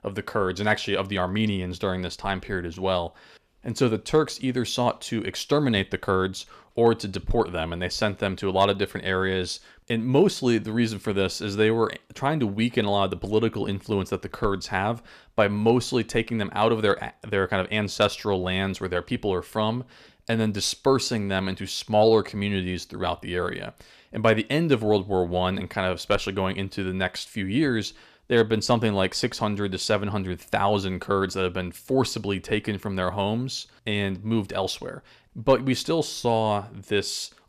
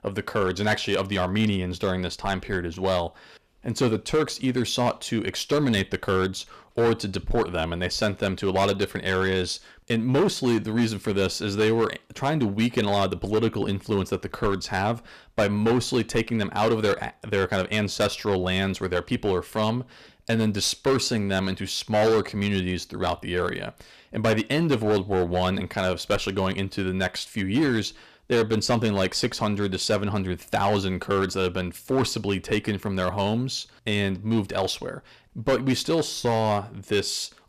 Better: first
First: none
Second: distortion; slight; 6% of the sound clipped

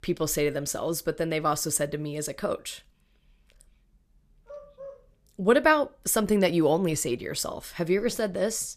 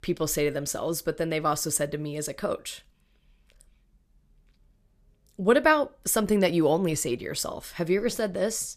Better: second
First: dog barking; faint; at 4.5 s; peak 15 dB below the speech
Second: none

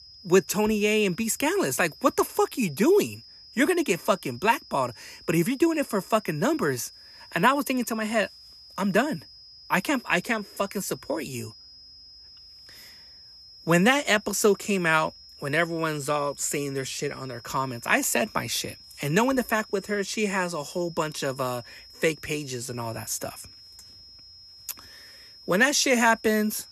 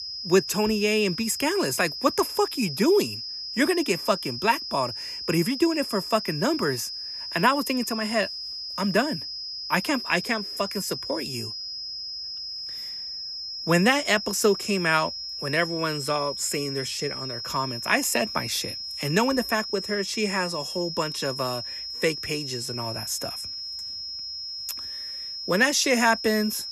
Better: first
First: high-pitched whine; faint; throughout; 5 kHz, 20 dB below the speech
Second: high-pitched whine; loud; throughout; 5 kHz, 6 dB below the speech

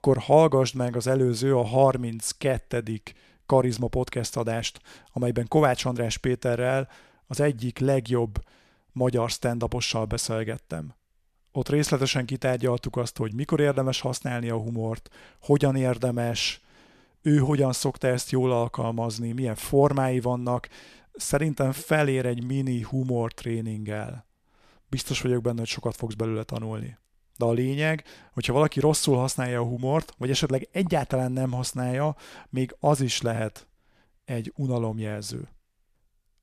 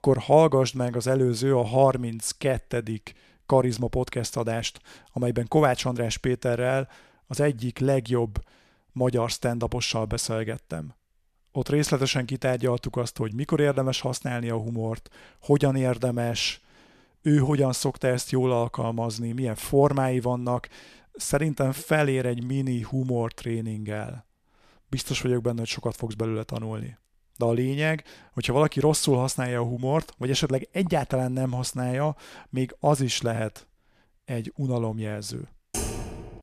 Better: first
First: none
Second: keyboard typing; noticeable; at 36 s; peak 5 dB below the speech

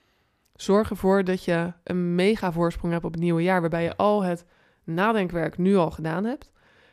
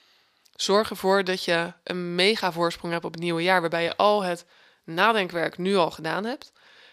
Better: first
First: none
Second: thin; somewhat; fading below 700 Hz

